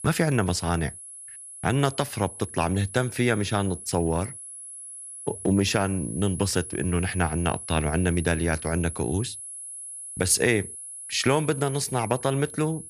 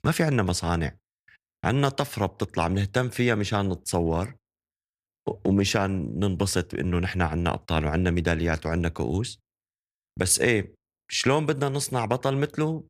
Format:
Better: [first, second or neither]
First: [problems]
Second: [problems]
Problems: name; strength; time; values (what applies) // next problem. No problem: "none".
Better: second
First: high-pitched whine; noticeable; throughout; 10.5 kHz, 10 dB below the speech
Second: none